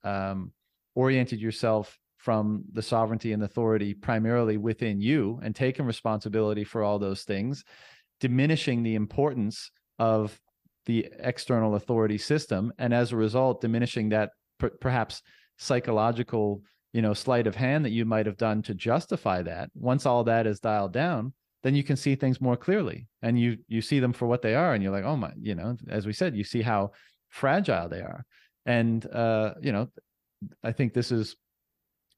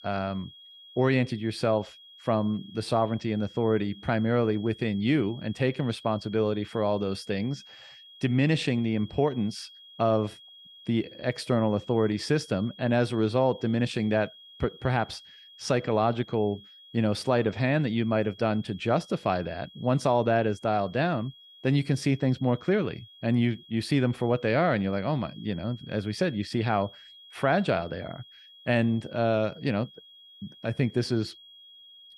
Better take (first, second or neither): first